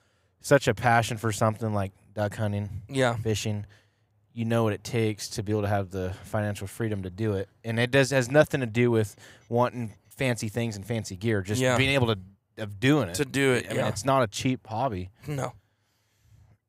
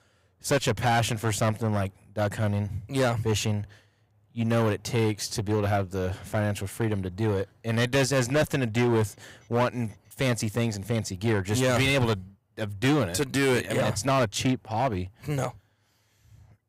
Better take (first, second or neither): first